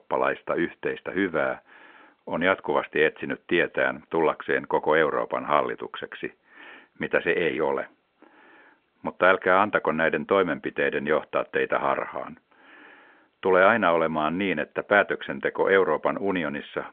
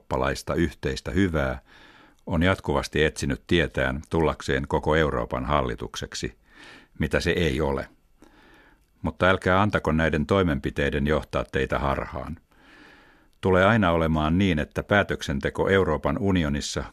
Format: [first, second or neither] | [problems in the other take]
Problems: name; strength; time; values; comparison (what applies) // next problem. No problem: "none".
second | phone-call audio; nothing above 3.5 kHz